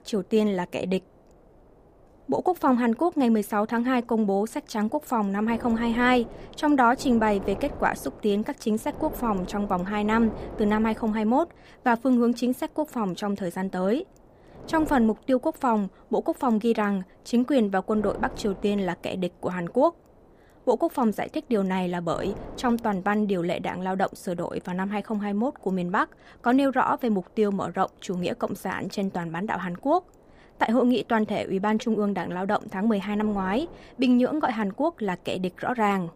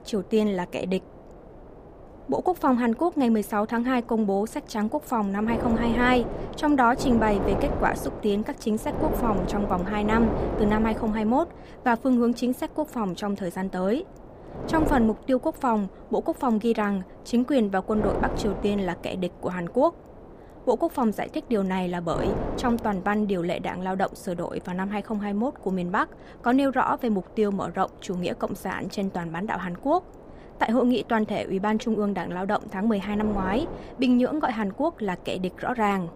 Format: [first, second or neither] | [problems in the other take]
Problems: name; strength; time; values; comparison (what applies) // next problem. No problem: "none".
first | wind noise on the microphone; heavy; 9 dB below the speech; occasional gusts in the first